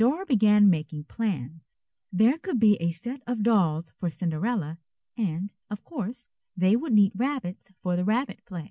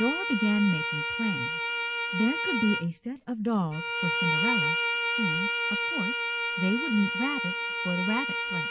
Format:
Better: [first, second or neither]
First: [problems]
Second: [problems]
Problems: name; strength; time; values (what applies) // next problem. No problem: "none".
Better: first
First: none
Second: background sound (Bowed string instrument); as loud as the speech